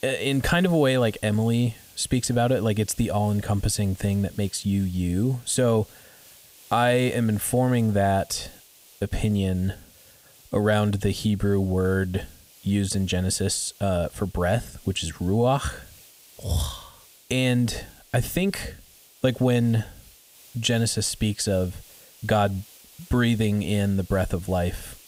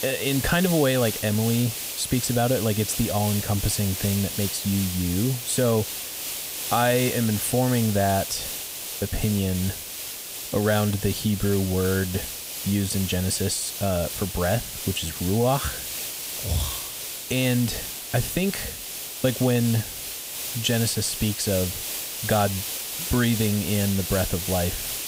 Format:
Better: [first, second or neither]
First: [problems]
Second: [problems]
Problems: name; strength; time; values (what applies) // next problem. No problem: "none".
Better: first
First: hiss; faint; throughout; 25 dB below the speech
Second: hiss; loud; throughout; 5 dB below the speech